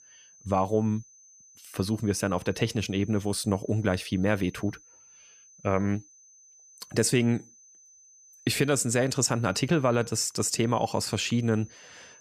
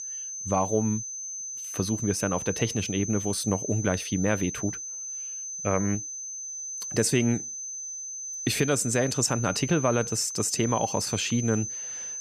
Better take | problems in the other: first | high-pitched whine; loud; throughout; 6 kHz, 6 dB below the speech; faint in the first

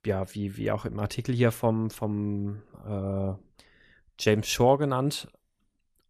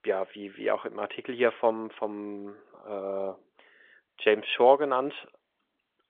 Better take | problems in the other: first | phone-call audio; nothing above 3.5 kHz

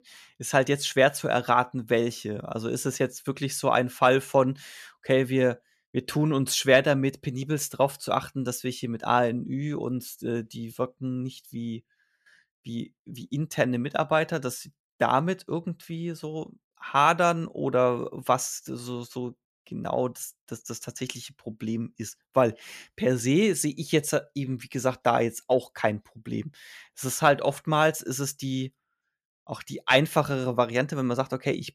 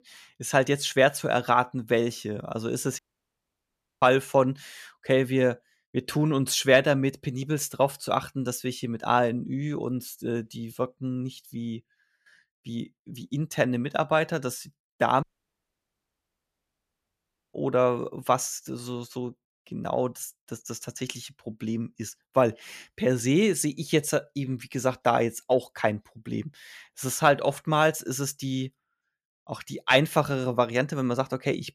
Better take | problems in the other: first | audio cutting out; at 3 s for 1 s and at 15 s for 2.5 s

